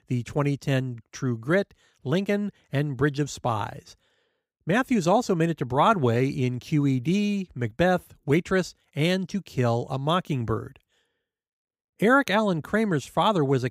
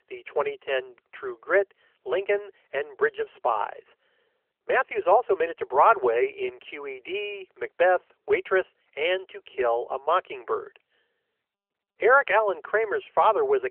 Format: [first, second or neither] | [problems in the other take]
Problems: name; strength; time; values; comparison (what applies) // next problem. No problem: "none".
first | phone-call audio; nothing above 3 kHz